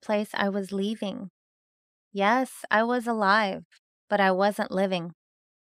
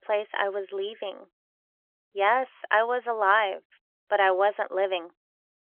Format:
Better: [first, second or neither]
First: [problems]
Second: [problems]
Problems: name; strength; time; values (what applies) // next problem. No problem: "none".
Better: first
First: none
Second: phone-call audio; nothing above 3.5 kHz